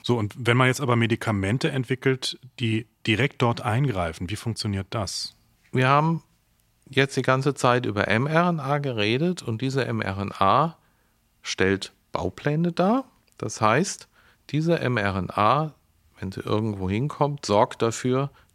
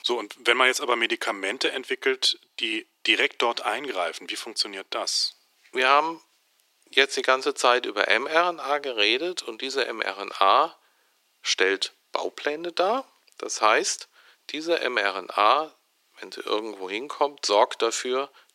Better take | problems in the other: first | thin; very; fading below 350 Hz

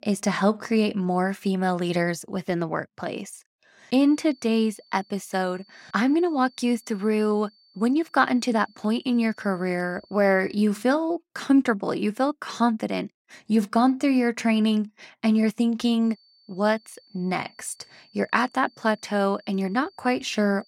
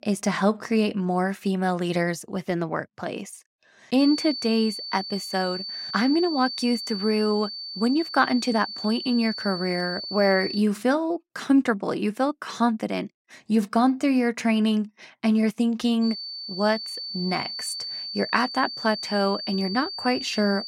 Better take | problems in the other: first | high-pitched whine; loud; from 4 to 11 s and from 16 s on; 4.5 kHz, 7 dB below the speech; faint in the first

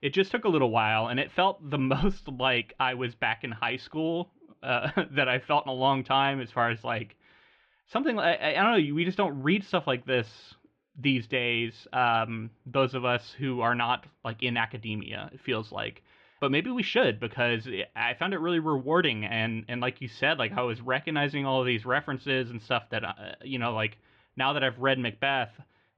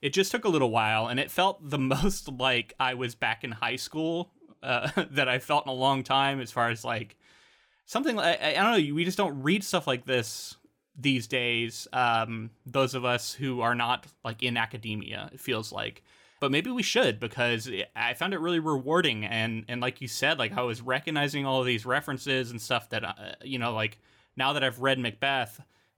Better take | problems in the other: second | muffled; slightly; fading above 3.5 kHz

